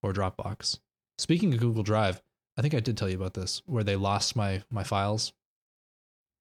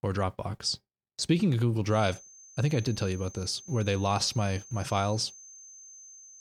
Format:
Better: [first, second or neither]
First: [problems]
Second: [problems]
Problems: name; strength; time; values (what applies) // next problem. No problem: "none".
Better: first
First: none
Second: high-pitched whine; noticeable; from 2 s on; 6.5 kHz, 20 dB below the speech